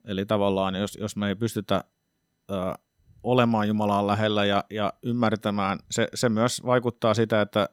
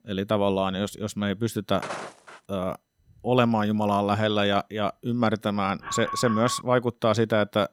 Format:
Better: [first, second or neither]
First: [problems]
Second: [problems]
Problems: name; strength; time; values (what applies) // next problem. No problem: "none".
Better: first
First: none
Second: footsteps; noticeable; at 2 s; peak 9 dB below the speech // alarm; noticeable; at 6 s; peak 6 dB below the speech